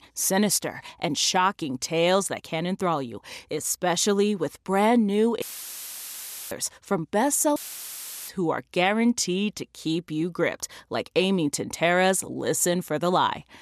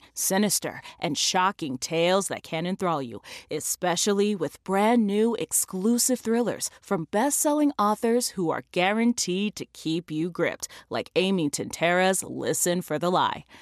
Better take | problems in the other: second | audio cutting out; filled with static; at 5.5 s for 1 s and at 7.5 s for 0.5 s

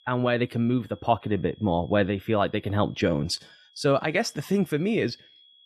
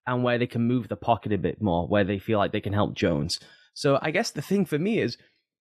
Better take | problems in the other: second | high-pitched whine; faint; throughout; 3.5 kHz, 30 dB below the speech

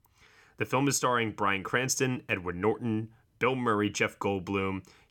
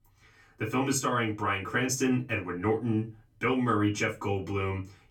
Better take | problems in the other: first | off-mic speech; far // room echo; very slight; dies away in 0.2 s

